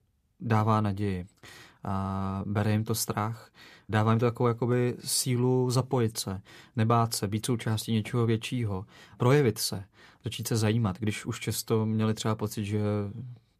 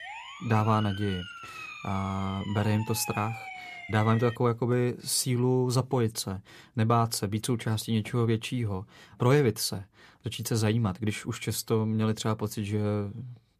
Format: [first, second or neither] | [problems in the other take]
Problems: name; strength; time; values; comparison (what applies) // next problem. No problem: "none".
first | siren; noticeable; until 4.5 s; peak 10 dB below the speech